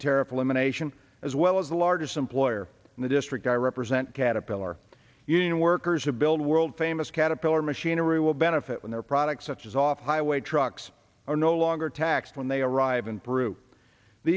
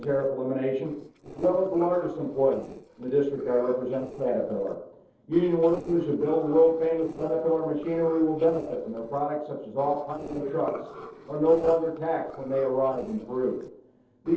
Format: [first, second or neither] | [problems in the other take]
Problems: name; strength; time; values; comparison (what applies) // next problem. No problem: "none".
first | noise reduction (neural separator model SepFormer DNS4)